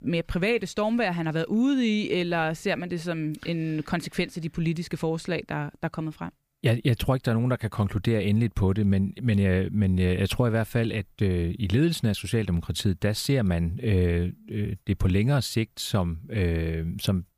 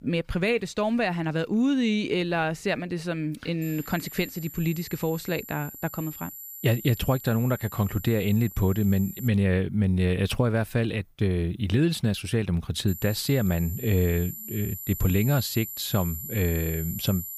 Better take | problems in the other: first | high-pitched whine; noticeable; from 3.5 to 9.5 s and from 13 s on; 12 kHz, 10 dB below the speech

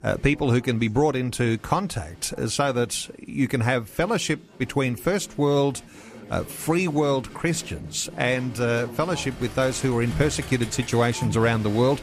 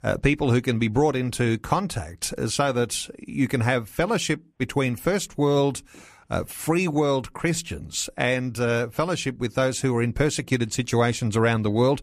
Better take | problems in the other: second | crowd noise; noticeable; throughout; 15 dB below the speech

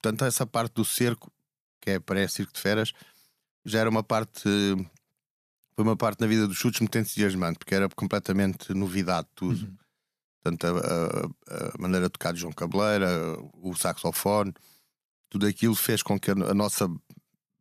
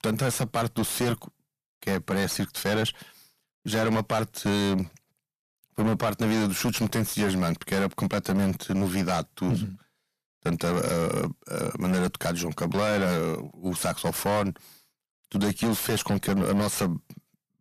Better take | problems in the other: first | distortion; heavy; 6 dB below the speech

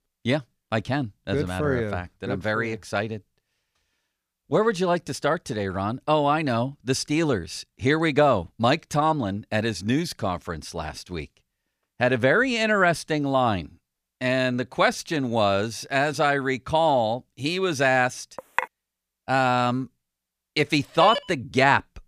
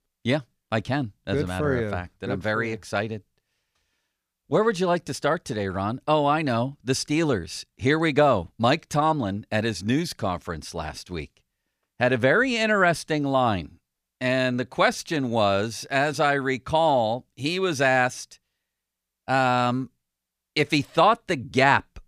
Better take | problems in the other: second | clattering dishes; noticeable; at 18 s; peak 5 dB below the speech // phone ringing; noticeable; at 21 s; peak 4 dB below the speech

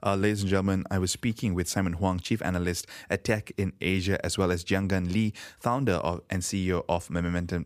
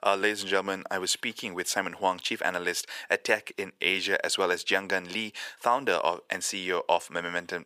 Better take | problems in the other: first | thin; very; fading below 500 Hz

